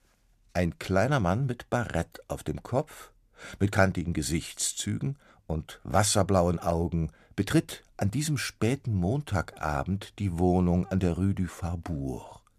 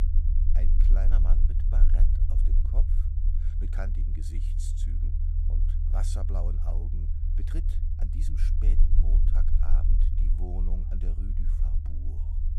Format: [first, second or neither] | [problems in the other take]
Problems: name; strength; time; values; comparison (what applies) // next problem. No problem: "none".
first | low rumble; loud; throughout; 1 dB below the speech